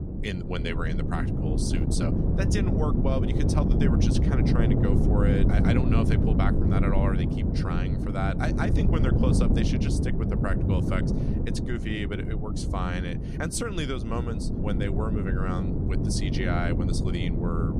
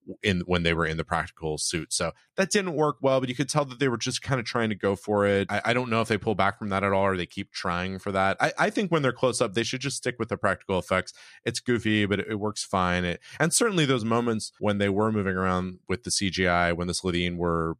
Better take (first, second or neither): second